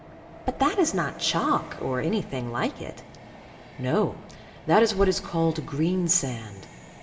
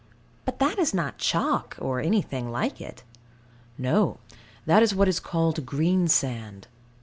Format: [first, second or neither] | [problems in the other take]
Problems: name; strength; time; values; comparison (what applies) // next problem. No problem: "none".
second | background sound (Train); 18 dB below the speech // room echo; dies away in 2.6 s